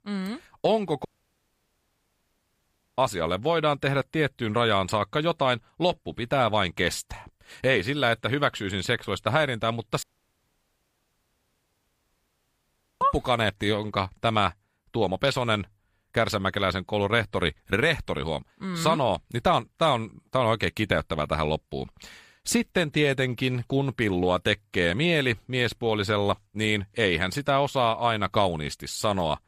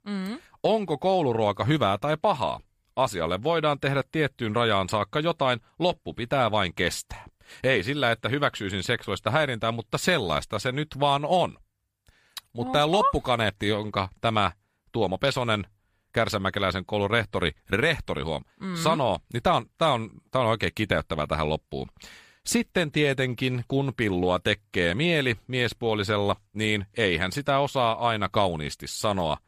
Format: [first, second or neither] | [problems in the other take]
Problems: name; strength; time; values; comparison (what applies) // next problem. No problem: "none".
second | audio cutting out; at 1 s for 2 s and at 10 s for 3 s